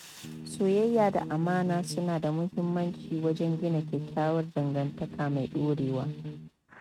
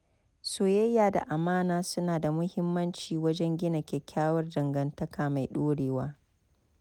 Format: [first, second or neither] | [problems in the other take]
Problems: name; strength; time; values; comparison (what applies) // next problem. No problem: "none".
second | noise reduction (neural mask model RNNoise)